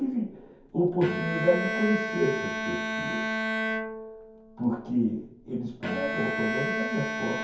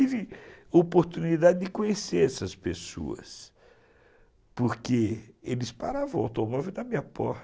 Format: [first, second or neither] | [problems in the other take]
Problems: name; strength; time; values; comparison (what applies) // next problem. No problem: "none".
second | background sound (Bowed string instrument); 3 dB below the speech // room echo; dies away in 0.6 s